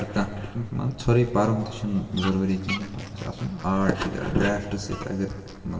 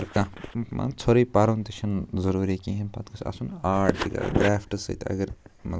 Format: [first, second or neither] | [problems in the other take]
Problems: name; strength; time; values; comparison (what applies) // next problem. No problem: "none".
second | background sound (Fowl); 17 dB below the speech // room echo; dies away in 2.6 s